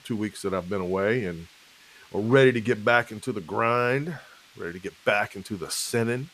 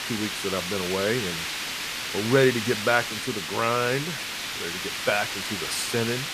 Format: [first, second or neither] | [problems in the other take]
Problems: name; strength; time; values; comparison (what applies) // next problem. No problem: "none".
first | hiss; loud; throughout; 3 dB below the speech; faint in the first